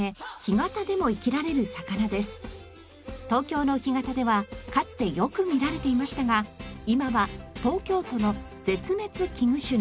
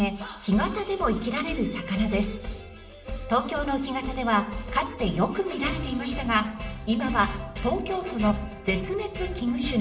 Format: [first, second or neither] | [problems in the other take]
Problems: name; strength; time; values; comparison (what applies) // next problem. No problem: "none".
first | room echo; dies away in 0.9 s